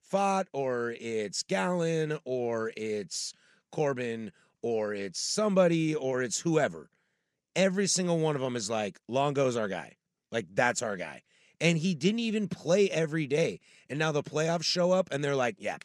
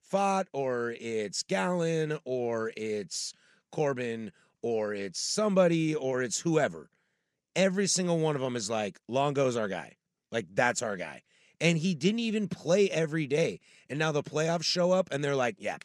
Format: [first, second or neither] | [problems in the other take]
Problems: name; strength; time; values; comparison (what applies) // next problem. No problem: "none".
neither | none